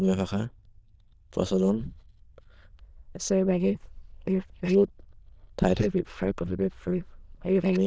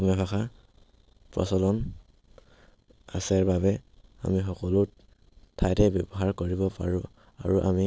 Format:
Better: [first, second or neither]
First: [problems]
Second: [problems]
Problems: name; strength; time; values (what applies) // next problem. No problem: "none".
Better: second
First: noise reduction (neural diffusion model UNIVERSE++)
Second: none